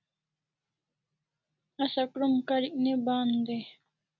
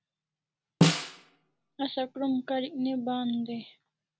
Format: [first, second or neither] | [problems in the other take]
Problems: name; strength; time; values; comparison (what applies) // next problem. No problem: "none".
first | background sound (Snare drum); 5 dB above the speech